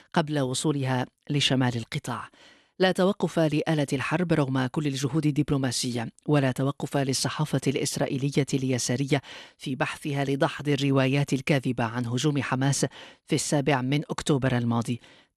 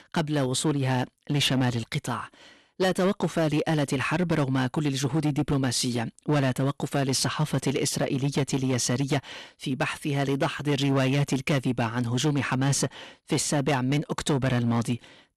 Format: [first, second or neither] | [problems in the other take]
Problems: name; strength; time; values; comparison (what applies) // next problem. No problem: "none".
first | distortion; slight; 11% of the sound clipped